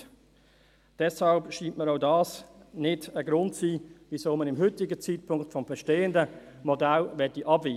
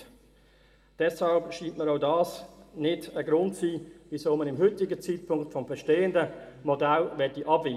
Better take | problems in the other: first | room echo; dies away in 1.7 s

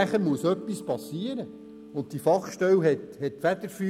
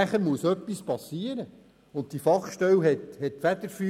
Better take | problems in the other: second | background sound (Mallet percussion); 16 dB below the speech

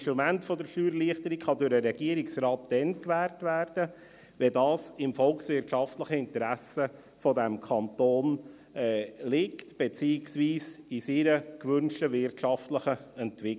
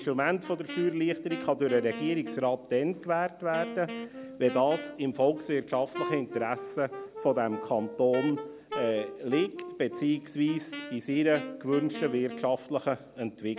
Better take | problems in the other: first | background sound (Wind instrument, woodwind instrument); 12 dB below the speech

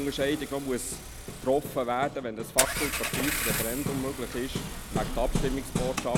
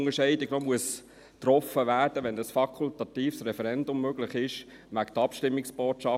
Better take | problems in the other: second | background sound (Engine / Car + Hammer); 1 dB below the speech

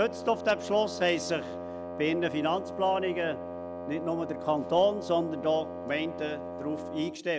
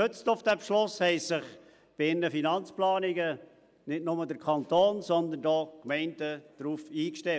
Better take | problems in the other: second | background sound (Wind instrument, woodwind instrument); 8 dB below the speech

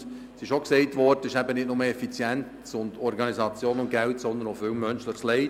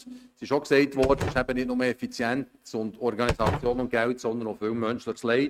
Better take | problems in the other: first | noise reduction (neural mask model RNNoise)

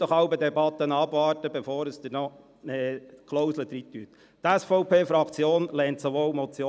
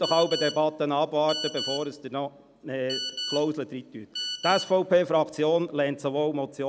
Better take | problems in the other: first | background sound (Telephone); 9 dB below the speech

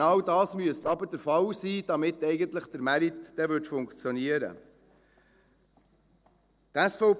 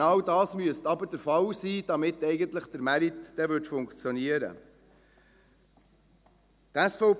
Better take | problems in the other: second | noise reduction (neural separator model SepFormer DNS4)

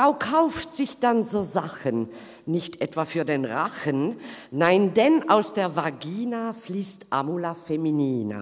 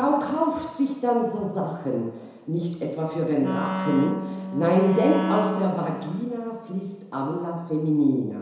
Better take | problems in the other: first | background sound (Wind instrument, woodwind instrument); 5 dB below the speech // room echo; dies away in 1 s

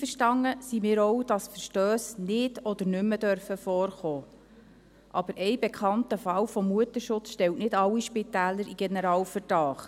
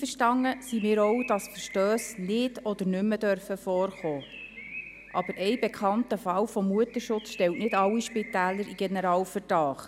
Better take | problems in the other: first | background sound (Bird); 18 dB below the speech

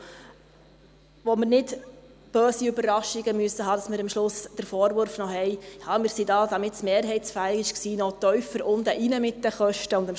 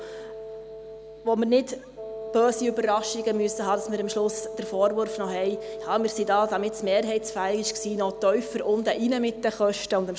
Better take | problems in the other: first | background sound (Wind instrument, woodwind instrument); 11 dB below the speech

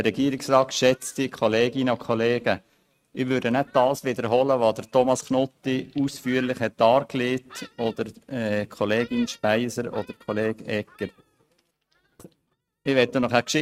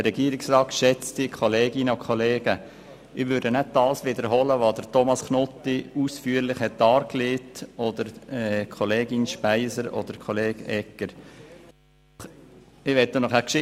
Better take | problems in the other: second | noise reduction (neural mask model RNNoise)

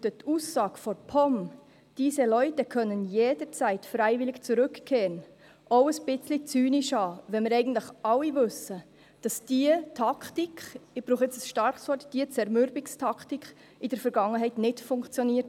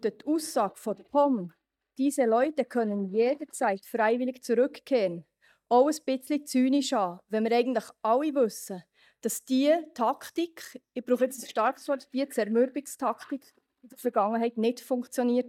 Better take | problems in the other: first | noise reduction (neural mask model DeepFilterNet 3)

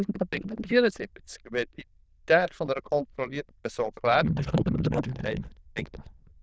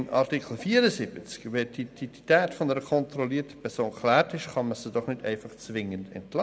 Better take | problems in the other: second | noise reduction (neural diffusion model UNIVERSE++)

